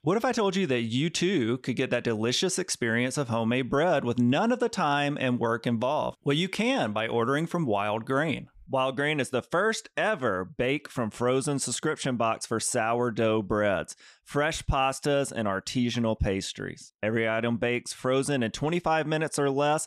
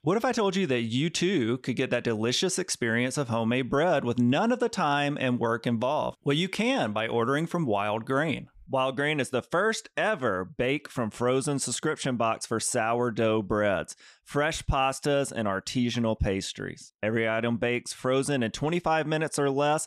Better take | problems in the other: neither | none

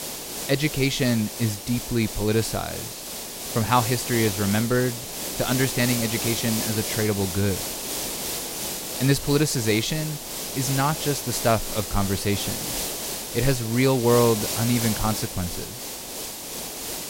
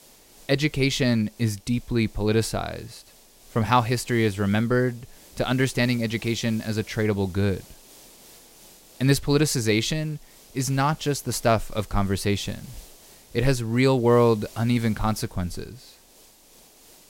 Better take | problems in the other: second | hiss; loud; throughout; 5 dB below the speech; faint in the second

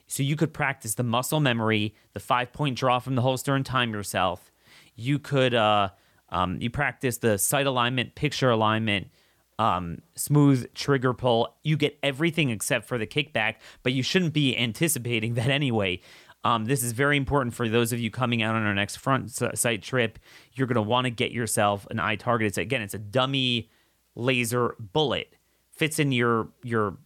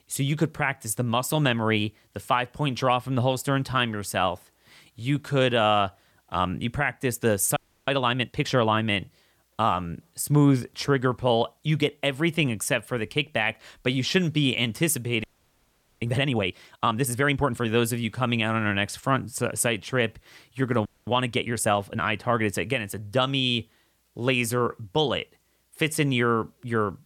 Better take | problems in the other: first | audio freezing; at 7.5 s, at 15 s for 1 s and at 21 s

